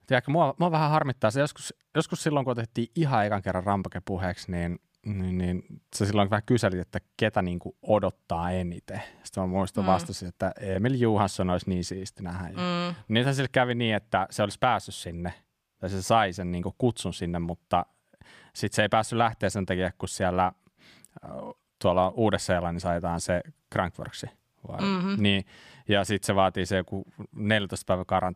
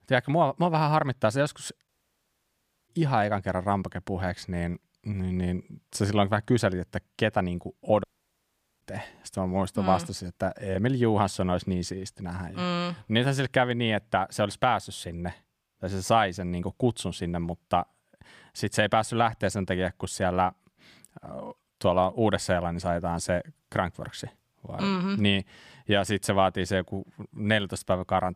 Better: first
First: none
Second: audio cutting out; at 2 s for 1 s and at 8 s for 1 s

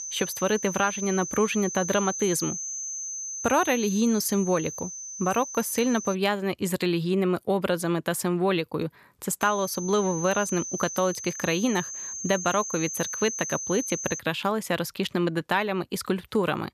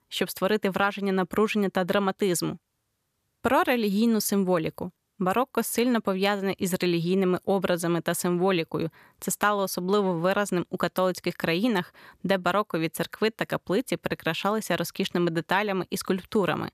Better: second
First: high-pitched whine; loud; until 6 s and from 9.5 to 14 s; 6 kHz, 6 dB below the speech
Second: none

